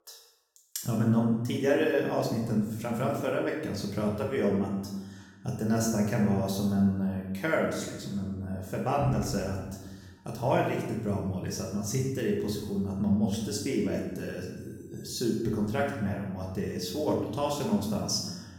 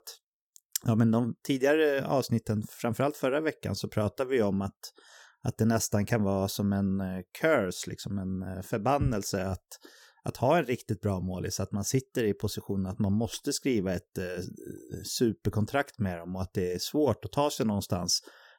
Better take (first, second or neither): second